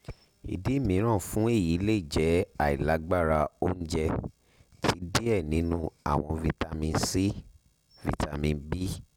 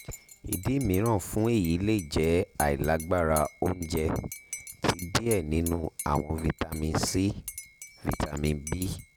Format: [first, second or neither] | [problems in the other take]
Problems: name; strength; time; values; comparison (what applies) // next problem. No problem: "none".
first | background sound (Cutlery, silverware / Dishes, pots, and pans / Chink, clink); 16 dB below the speech